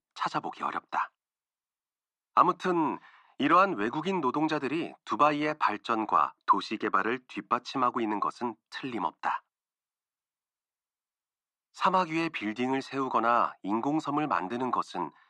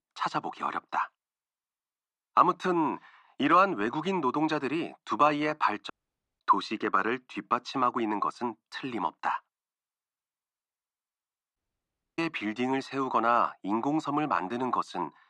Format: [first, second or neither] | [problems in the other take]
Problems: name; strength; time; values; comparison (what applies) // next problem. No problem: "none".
first | audio cutting out; at 6 s for 0.5 s and at 12 s for 0.5 s